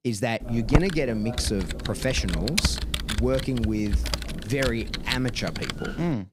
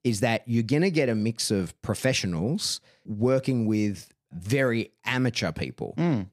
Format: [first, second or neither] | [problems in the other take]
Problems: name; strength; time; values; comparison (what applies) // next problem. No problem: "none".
second | keyboard typing; loud; peak 3 dB above the speech